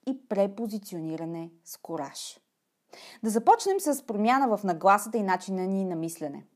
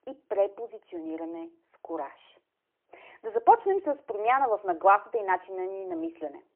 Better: first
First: none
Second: phone-call audio; poor line

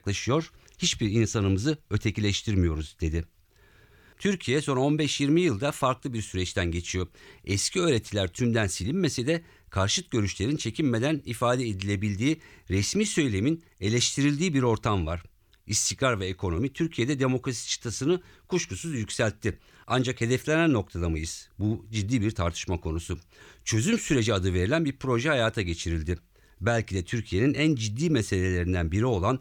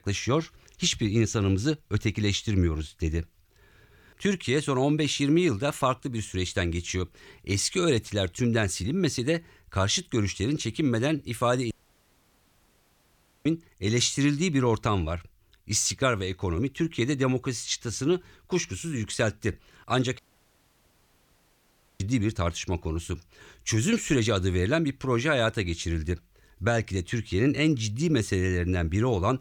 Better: first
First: none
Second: audio cutting out; at 12 s for 1.5 s and at 20 s for 2 s

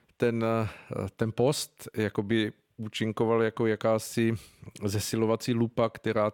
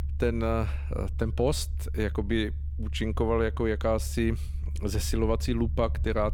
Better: first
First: none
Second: low rumble; faint; throughout; 20 dB below the speech

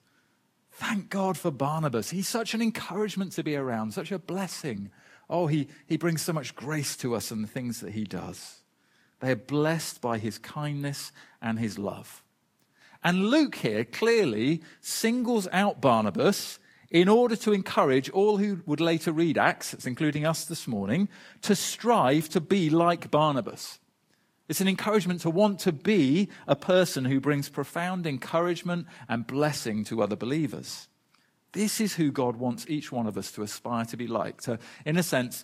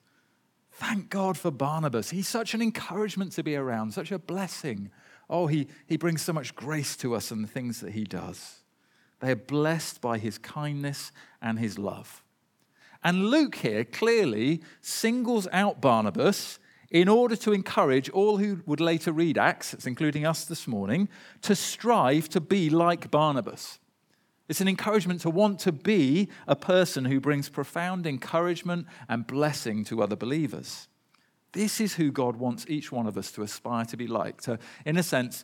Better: second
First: garbled, watery; slightly; nothing above 14.5 kHz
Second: none

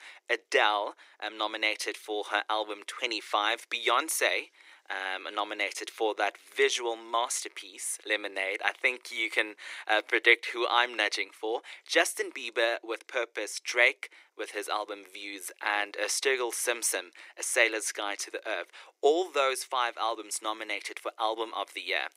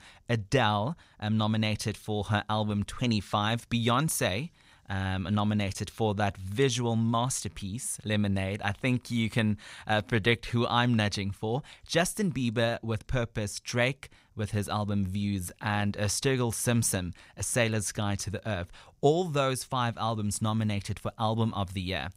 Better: second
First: thin; very; fading below 300 Hz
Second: none

